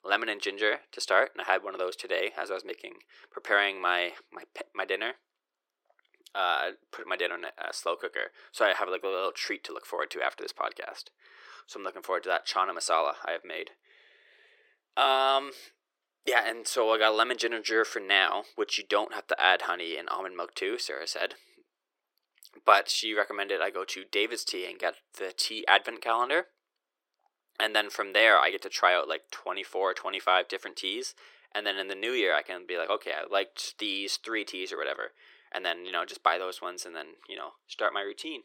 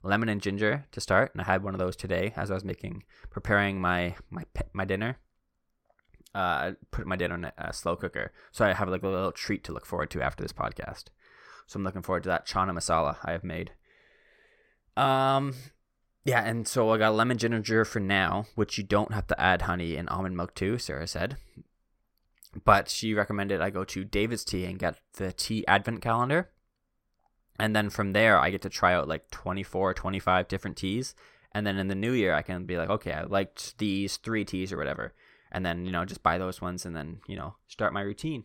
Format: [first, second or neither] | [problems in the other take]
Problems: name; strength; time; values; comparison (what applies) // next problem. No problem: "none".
second | thin; very; fading below 350 Hz